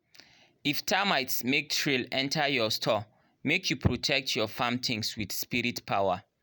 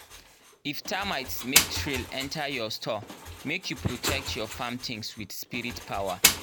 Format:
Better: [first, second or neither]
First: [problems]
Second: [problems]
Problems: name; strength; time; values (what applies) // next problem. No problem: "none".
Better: first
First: none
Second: background sound (Engine); 1 dB above the speech